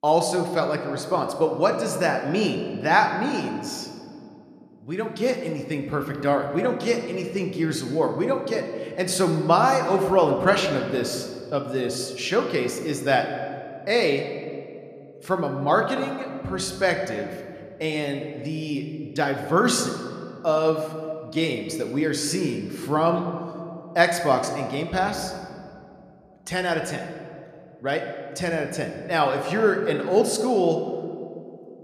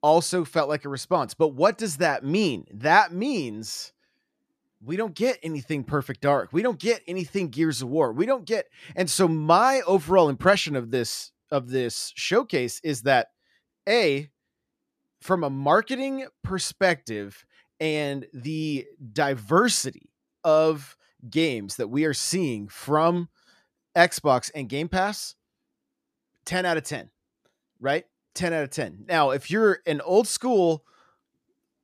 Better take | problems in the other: second | room echo; slight; dies away in 1.7 s

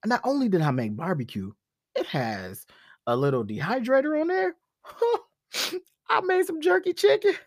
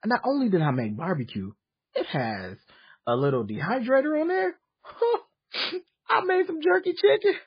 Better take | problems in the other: first | garbled, watery; badly; nothing above 4.5 kHz

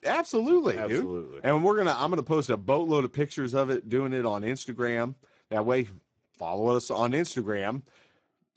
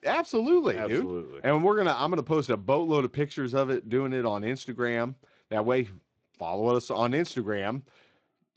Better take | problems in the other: second | garbled, watery; badly; nothing above 7.5 kHz; slightly in the second

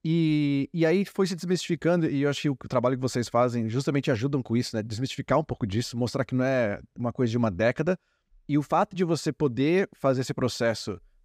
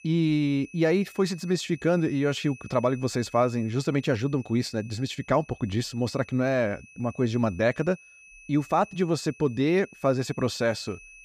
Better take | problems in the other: first | high-pitched whine; faint; throughout; 2.5 kHz, 20 dB below the speech

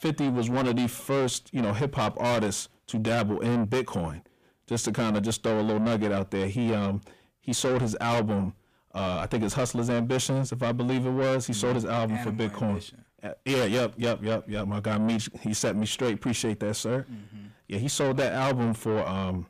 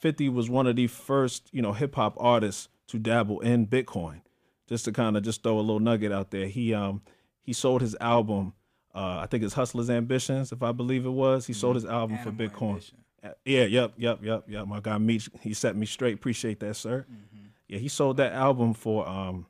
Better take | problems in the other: second | distortion; heavy; 7 dB below the speech

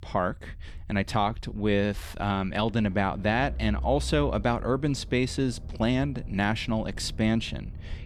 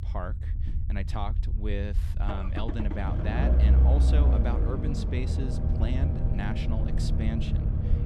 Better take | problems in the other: first | low rumble; loud; throughout; 1 dB below the speech; faint in the first

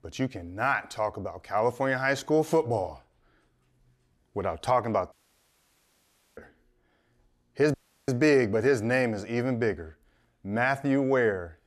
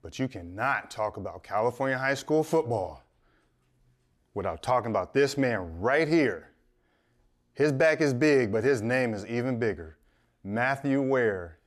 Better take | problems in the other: second | audio cutting out; at 5 s for 1.5 s and at 7.5 s

